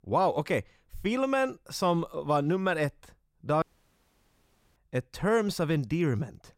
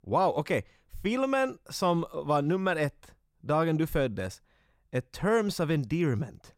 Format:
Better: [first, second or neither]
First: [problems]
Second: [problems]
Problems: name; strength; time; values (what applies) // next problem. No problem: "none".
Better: second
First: audio cutting out; at 3.5 s for 1 s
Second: none